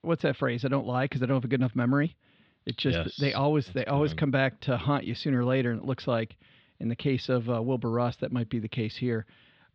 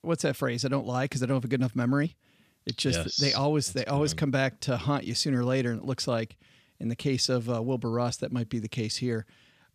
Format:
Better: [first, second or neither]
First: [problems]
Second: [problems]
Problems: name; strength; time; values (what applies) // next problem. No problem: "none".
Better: second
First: muffled; slightly; fading above 3.5 kHz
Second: none